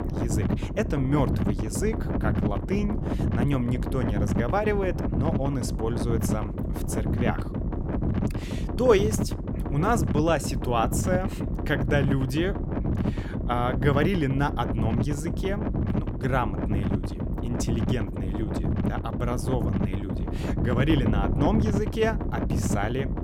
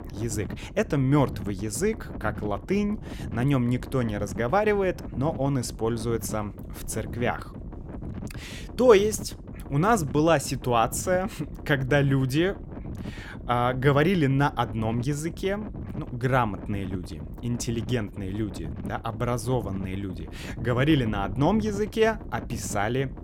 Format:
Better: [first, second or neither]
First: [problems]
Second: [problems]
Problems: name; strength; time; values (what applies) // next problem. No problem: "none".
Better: second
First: wind noise on the microphone; heavy; 6 dB below the speech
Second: wind noise on the microphone; occasional gusts; 20 dB below the speech